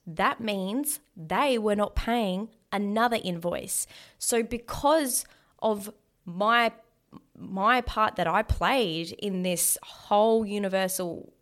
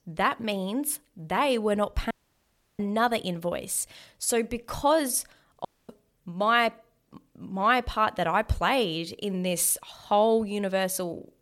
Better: first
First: none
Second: audio cutting out; at 2 s for 0.5 s and at 5.5 s

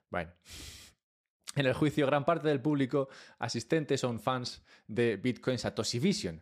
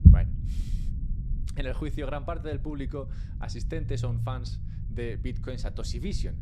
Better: first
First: none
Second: low rumble; loud; throughout; 8 dB below the speech

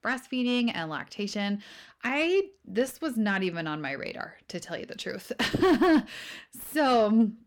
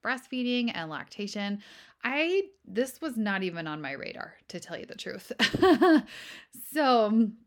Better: second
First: distortion; slight; 10 dB below the speech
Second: none

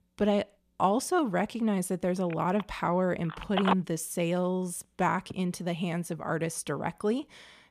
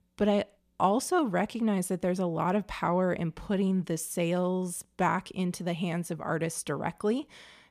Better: second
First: phone ringing; noticeable; from 2.5 to 5.5 s; peak level with the speech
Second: none

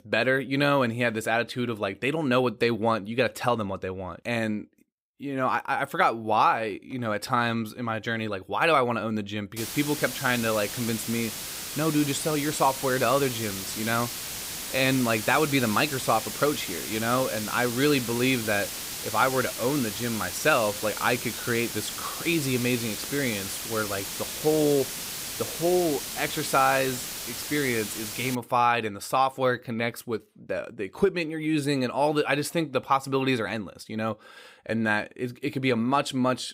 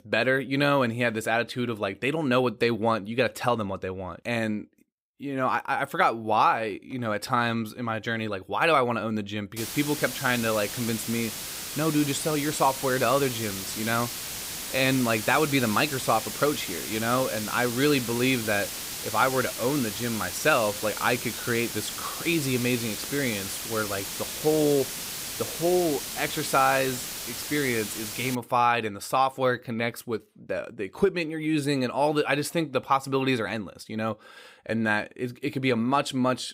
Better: neither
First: hiss; loud; from 9.5 to 28 s; 6 dB below the speech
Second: hiss; loud; from 9.5 to 28 s; 6 dB below the speech

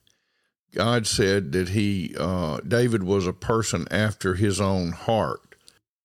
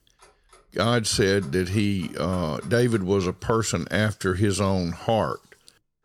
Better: first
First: none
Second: household noises; faint; throughout; 25 dB below the speech

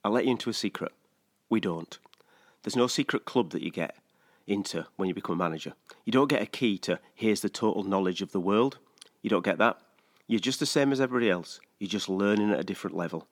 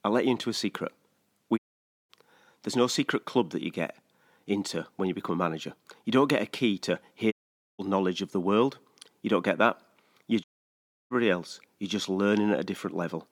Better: first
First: none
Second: audio cutting out; at 1.5 s for 0.5 s, at 7.5 s and at 10 s for 0.5 s

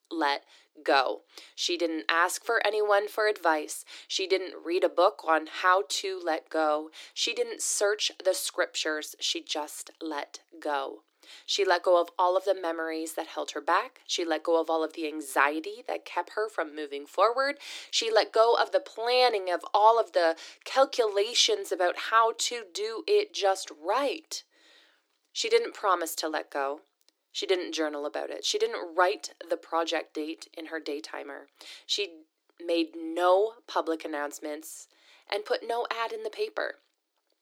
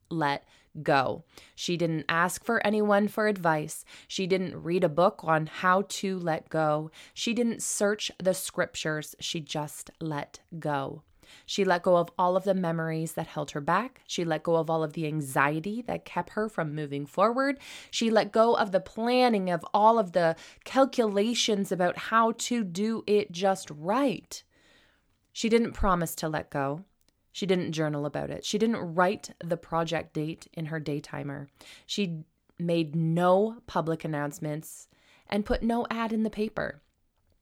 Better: second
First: thin; very; fading below 300 Hz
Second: none

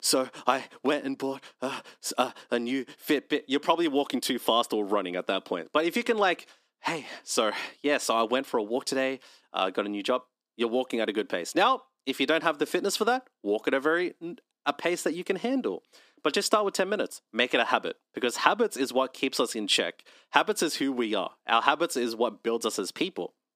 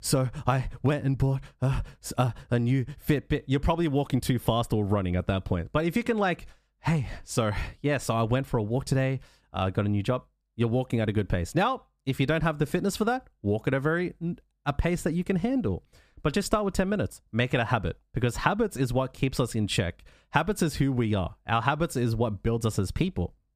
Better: second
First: thin; somewhat; fading below 250 Hz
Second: none

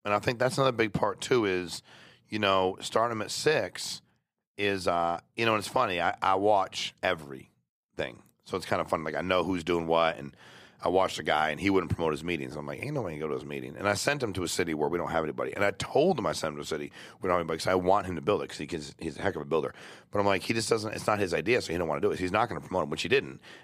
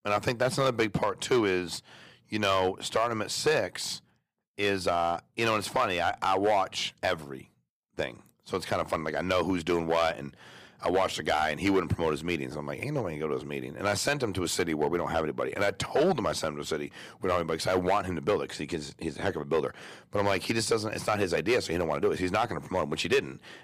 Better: first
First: none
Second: distortion; slight; 3% of the sound clipped

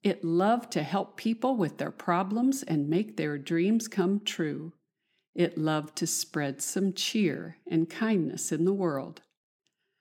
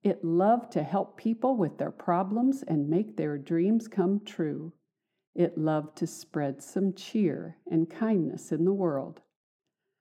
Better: first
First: none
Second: muffled; very; fading above 1.5 kHz

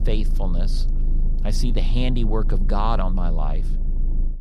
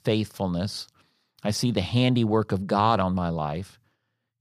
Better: second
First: low rumble; noticeable; throughout; 15 dB below the speech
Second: none

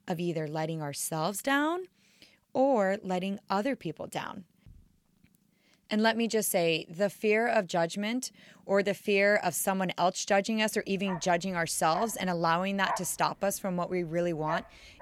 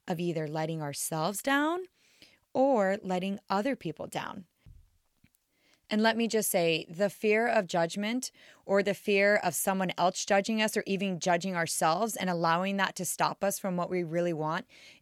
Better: second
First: animal sounds; noticeable; throughout; 10 dB below the speech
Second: none

